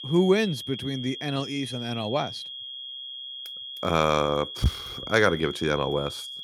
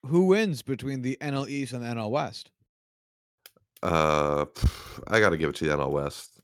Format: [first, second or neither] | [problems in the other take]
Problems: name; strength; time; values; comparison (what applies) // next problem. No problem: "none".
second | high-pitched whine; loud; throughout; 3.5 kHz, 9 dB below the speech